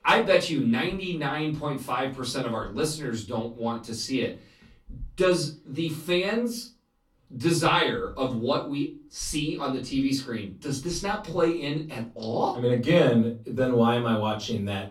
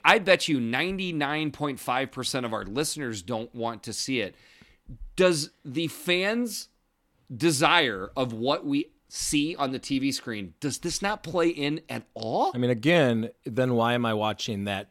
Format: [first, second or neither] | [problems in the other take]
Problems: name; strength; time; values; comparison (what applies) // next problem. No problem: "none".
second | off-mic speech; far // room echo; slight; dies away in 0.3 s